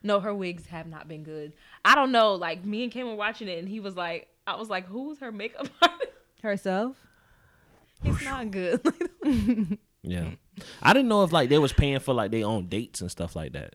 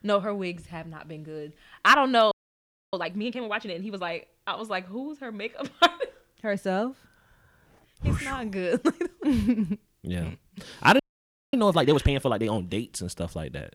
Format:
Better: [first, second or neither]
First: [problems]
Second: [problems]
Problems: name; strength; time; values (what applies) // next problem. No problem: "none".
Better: first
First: none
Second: audio freezing; at 2.5 s for 0.5 s and at 11 s for 0.5 s